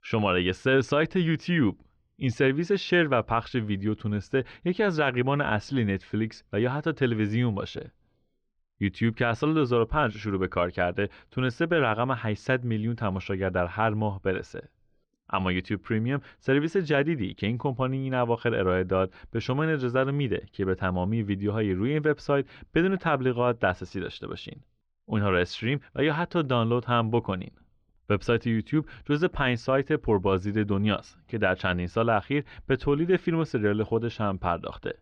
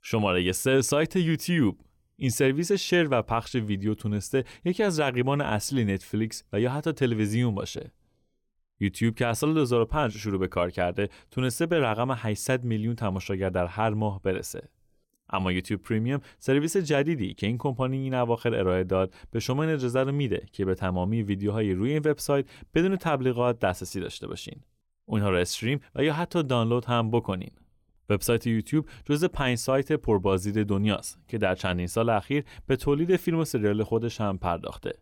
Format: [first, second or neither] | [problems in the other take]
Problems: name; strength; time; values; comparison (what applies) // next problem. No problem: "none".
second | muffled; slightly; fading above 4 kHz